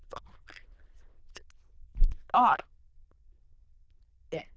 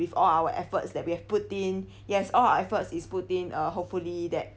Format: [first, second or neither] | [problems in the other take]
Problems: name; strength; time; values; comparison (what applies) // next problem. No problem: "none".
second | noise reduction (neural diffusion model UNIVERSE++)